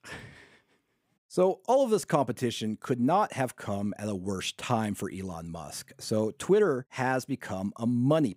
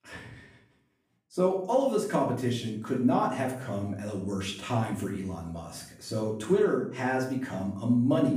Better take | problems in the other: first | off-mic speech; far // room echo; noticeable; dies away in 0.6 s

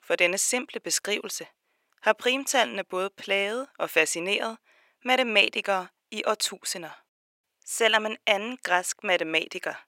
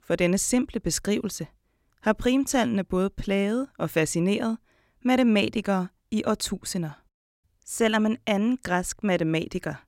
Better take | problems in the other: second | thin; very; fading below 600 Hz

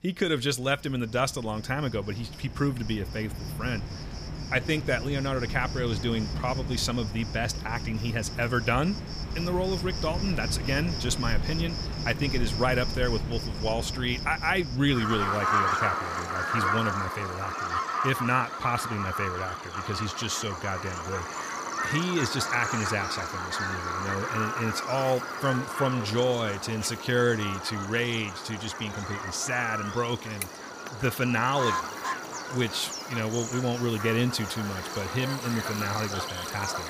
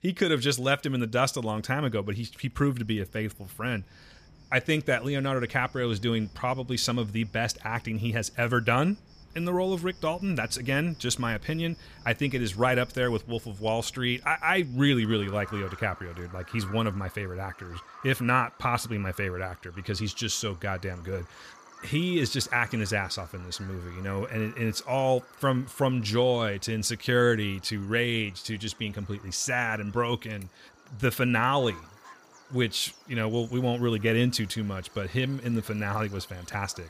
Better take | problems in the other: second | animal sounds; loud; throughout; 3 dB below the speech; faint in the second

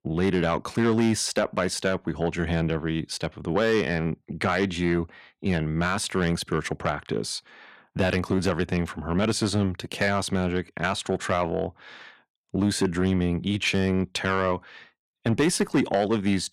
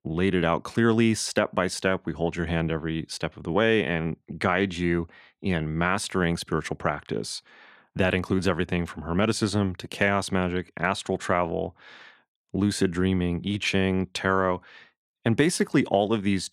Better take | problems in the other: second | distortion; slight; 10 dB below the speech

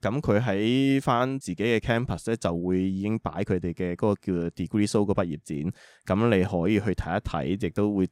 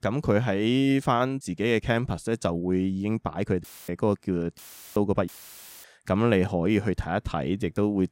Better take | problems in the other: first | audio cutting out; filled with static; at 3.5 s, at 4.5 s and at 5.5 s for 0.5 s

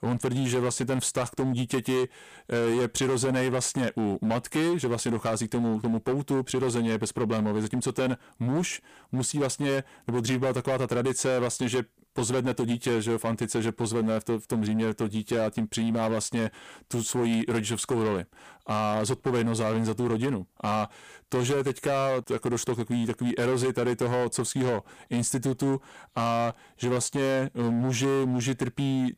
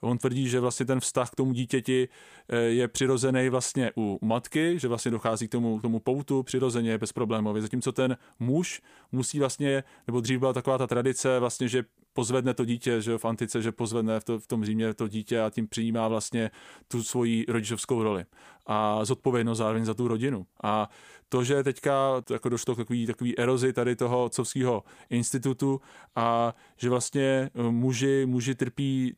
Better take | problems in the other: second | distortion; slight; 16% of the sound clipped

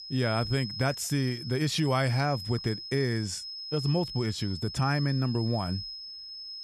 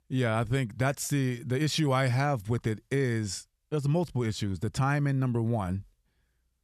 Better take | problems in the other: second | high-pitched whine; loud; throughout; 5 kHz, 8 dB below the speech

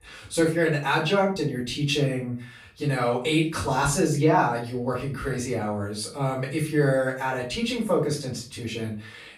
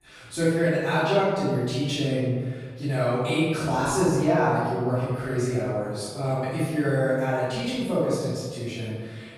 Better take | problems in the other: first | room echo; strong; dies away in 1.5 s; slight in the first // off-mic speech; far; far in the first

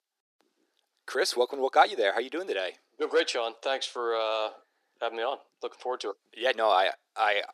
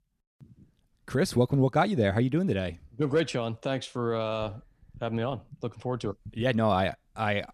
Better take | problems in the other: second | thin; very; fading below 350 Hz

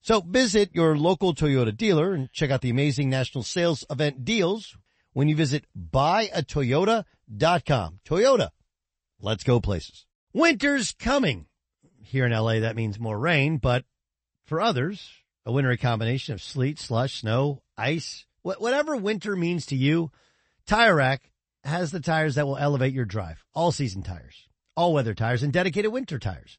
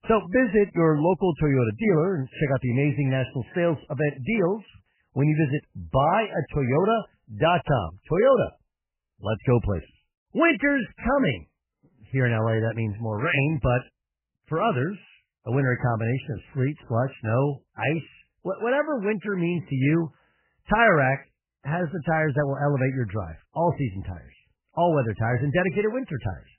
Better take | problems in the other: first | garbled, watery; badly; nothing above 3 kHz; slightly in the first

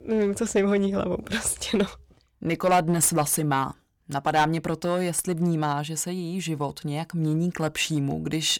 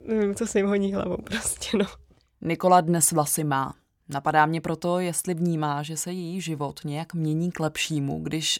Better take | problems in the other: second | distortion; slight; 4% of the sound clipped

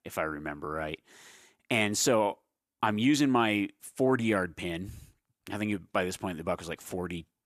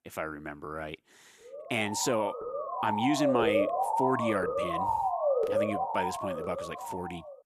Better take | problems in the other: first | siren; loud; from 1.5 s on; peak 6 dB above the speech

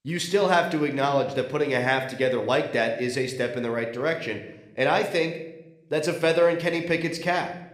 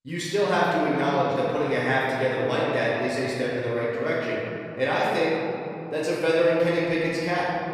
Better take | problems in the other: first | room echo; strong; dies away in 3 s; slight in the first // off-mic speech; far

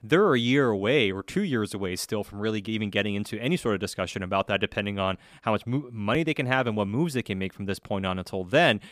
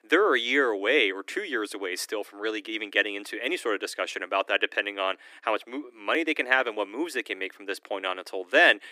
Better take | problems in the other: first | thin; very; fading below 300 Hz

